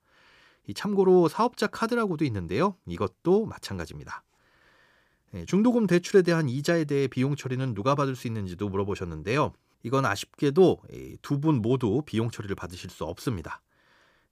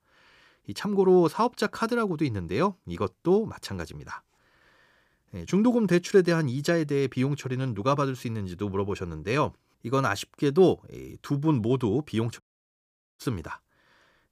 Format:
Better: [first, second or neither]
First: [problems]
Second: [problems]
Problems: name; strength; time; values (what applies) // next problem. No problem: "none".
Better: first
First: none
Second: audio cutting out; at 12 s for 1 s